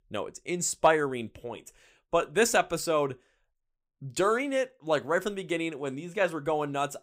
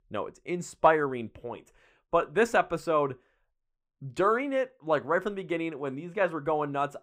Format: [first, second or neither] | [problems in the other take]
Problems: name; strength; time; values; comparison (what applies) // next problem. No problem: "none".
first | muffled; slightly; fading above 3.5 kHz